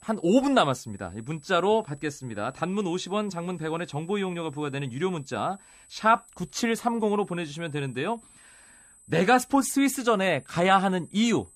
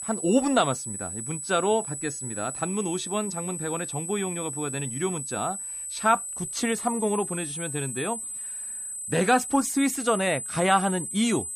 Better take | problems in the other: first | high-pitched whine; loud; throughout; 8 kHz, 5 dB below the speech; faint in the first

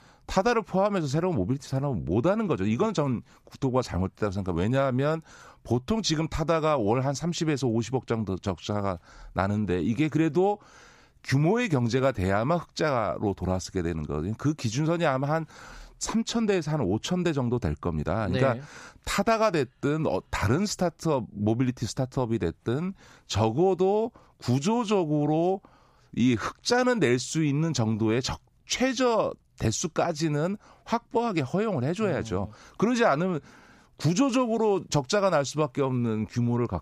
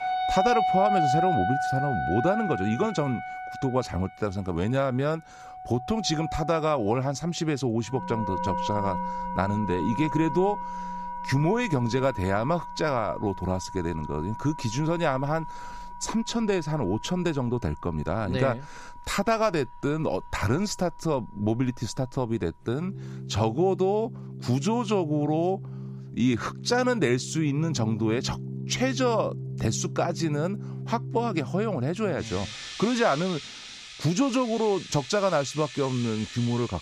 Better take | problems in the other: first | background music; loud; throughout; 6 dB below the speech

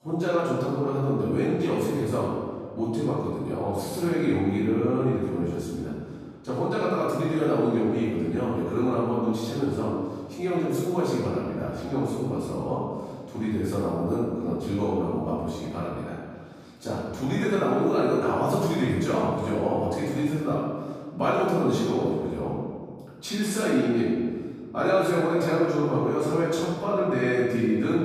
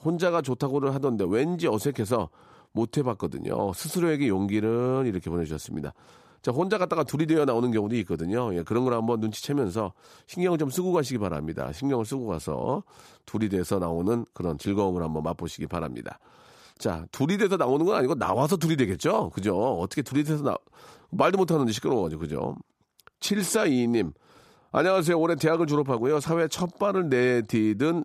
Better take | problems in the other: second | room echo; strong; dies away in 1.6 s // off-mic speech; far

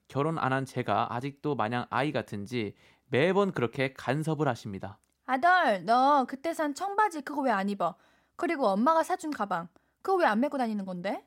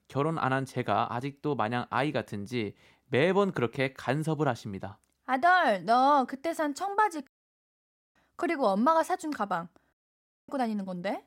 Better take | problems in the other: first | audio cutting out; at 7.5 s for 1 s and at 10 s for 0.5 s

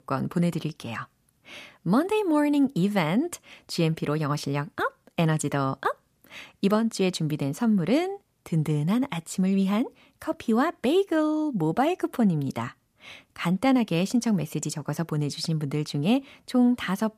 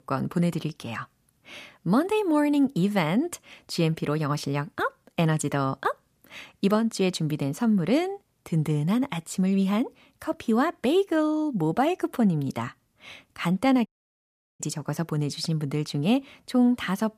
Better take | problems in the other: first | audio cutting out; at 14 s for 0.5 s

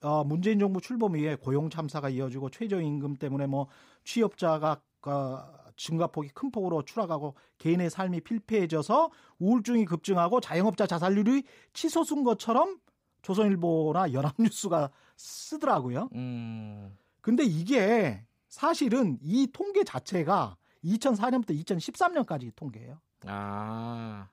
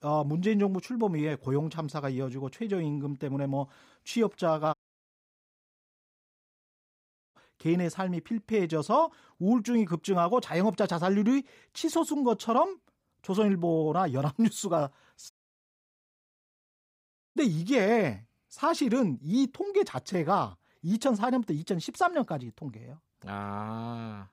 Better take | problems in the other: first | audio cutting out; at 4.5 s for 2.5 s and at 15 s for 2 s

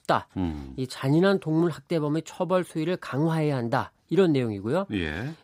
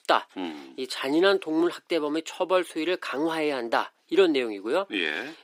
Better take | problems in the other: first | thin; somewhat; fading below 350 Hz

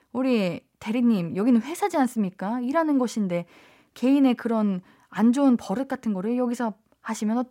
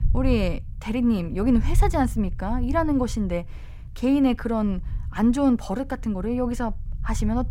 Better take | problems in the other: first | low rumble; faint; throughout; 20 dB below the speech

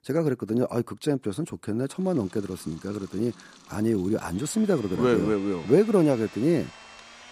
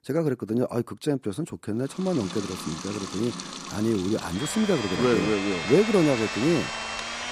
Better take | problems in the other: first | household noises; loud; from 2 s on; 6 dB below the speech; faint in the first

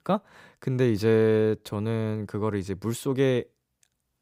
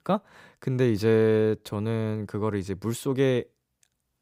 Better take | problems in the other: neither | none

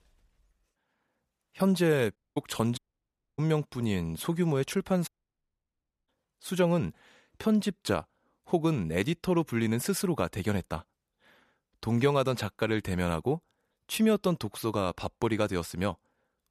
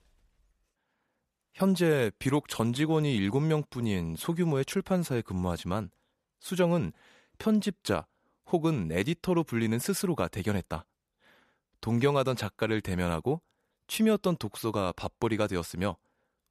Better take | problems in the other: second | audio cutting out; at 2 s, at 3 s for 0.5 s and at 5 s for 1 s

